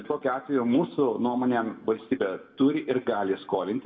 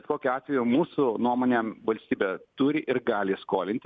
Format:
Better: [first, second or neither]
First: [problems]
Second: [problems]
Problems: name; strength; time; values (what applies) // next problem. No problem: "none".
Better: second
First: room echo; dies away in 1.5 s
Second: none